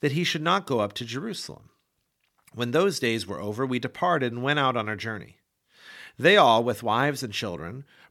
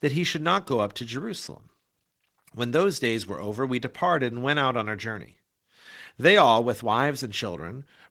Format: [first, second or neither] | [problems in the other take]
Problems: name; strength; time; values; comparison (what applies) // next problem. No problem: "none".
first | garbled, watery; slightly